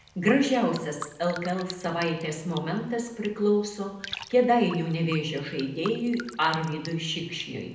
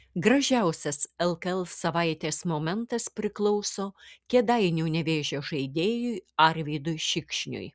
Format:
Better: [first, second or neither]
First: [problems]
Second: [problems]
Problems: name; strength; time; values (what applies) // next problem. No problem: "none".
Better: second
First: background sound (Raindrop); 17 dB below the speech // room echo; dies away in 0.7 s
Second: none